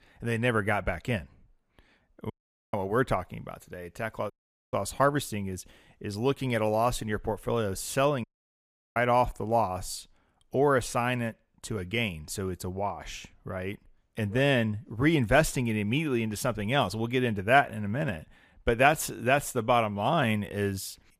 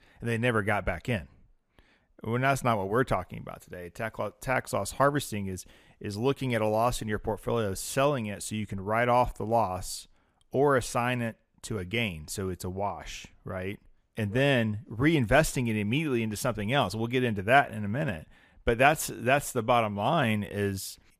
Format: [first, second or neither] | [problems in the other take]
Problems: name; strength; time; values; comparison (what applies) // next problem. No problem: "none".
second | audio cutting out; at 2.5 s, at 4.5 s and at 8 s for 0.5 s